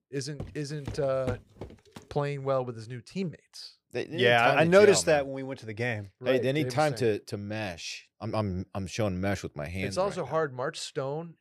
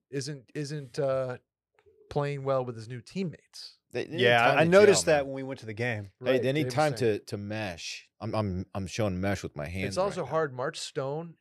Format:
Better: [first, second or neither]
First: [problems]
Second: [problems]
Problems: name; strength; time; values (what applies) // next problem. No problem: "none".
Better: second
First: footsteps; noticeable; until 2 s; peak 10 dB below the speech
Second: none